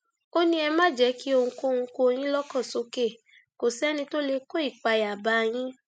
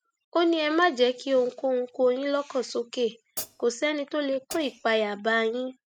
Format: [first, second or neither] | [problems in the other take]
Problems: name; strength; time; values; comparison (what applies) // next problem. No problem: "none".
first | noise reduction (neural mask model RNNoise)